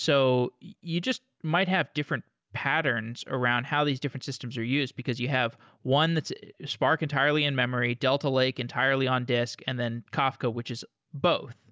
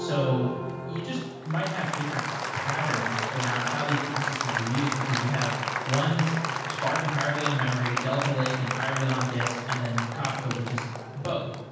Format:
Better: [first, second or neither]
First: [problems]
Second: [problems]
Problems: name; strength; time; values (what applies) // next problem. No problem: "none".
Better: first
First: none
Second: background sound (Applause); 2 dB below the speech // room echo; dies away in 1.2 s